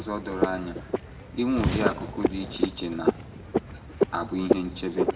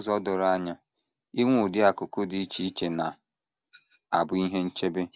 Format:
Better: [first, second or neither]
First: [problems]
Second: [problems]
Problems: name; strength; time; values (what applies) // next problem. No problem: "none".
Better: second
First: background sound (Frog); 2 dB above the speech // room echo; dies away in 1 s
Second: none